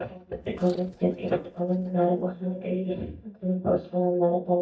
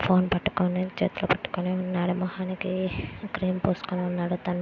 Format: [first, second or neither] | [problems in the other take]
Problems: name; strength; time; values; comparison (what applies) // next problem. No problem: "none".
second | noise reduction (neural mask model DeepFilterNet 3)